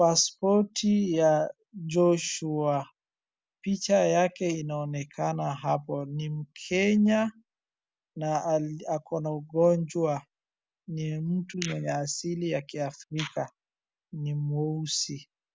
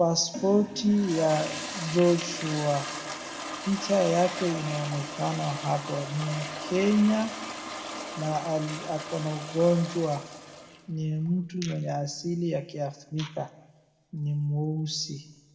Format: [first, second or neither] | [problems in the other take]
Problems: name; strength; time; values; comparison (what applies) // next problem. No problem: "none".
first | background sound (Toilet flush); 10 dB below the speech // room echo; dies away in 1 s